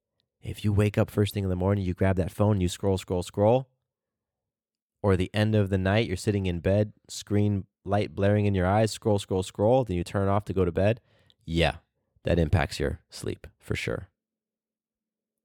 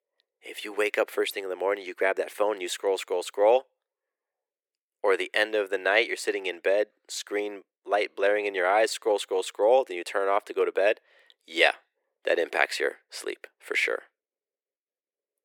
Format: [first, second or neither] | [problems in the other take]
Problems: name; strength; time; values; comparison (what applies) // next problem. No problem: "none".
first | thin; very; fading below 350 Hz